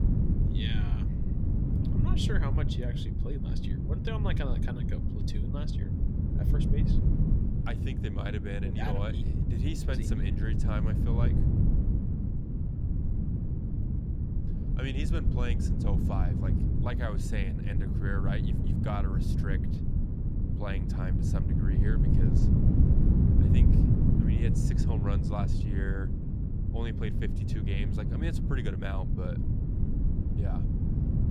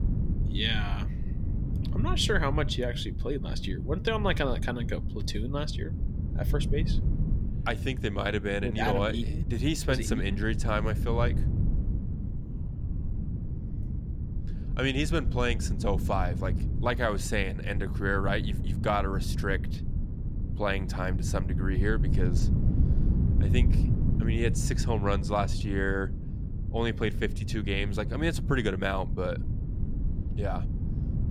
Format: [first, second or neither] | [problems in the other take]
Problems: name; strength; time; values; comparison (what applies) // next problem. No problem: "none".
second | wind noise on the microphone; heavy; 1 dB above the speech; occasional gusts in the second